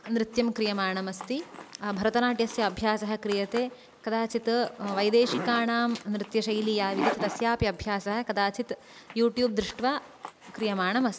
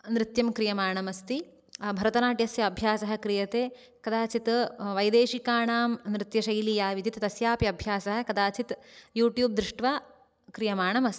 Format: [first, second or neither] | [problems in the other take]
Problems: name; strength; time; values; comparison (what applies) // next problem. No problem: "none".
second | background sound (Zipper (clothing)); 12 dB below the speech